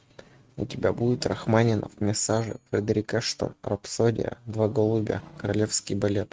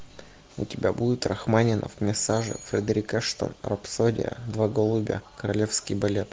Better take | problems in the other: second | noise reduction (neural mask model RNNoise)

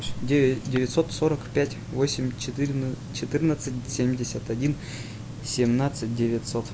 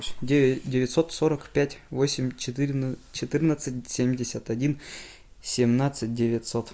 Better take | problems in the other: second | background sound (Tick-tock); 10 dB below the speech

